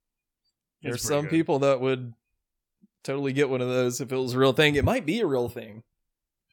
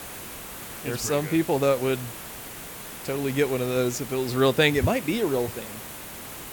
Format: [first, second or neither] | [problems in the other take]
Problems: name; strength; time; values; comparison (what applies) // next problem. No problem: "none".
first | hiss; noticeable; throughout; 10 dB below the speech